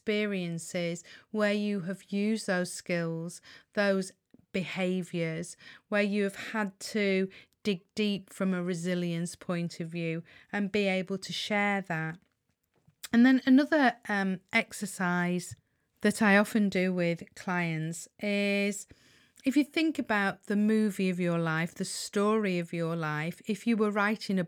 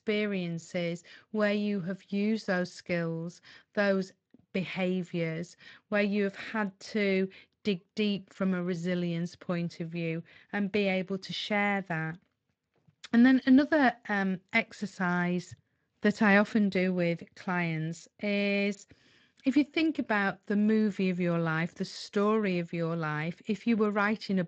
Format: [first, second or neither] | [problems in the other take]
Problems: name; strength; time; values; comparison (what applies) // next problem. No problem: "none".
first | garbled, watery; slightly; nothing above 7.5 kHz